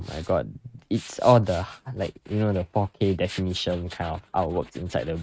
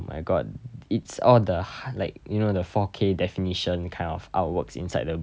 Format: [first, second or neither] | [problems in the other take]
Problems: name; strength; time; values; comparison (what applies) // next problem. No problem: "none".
second | noise reduction (neural mask model RNNoise)